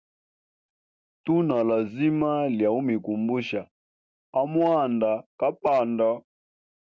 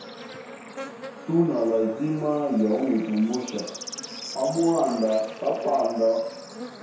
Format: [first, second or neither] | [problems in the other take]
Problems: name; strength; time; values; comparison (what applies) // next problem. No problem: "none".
first | background sound (Bird / Insect); 14 dB below the speech // room echo; dies away in 0.7 s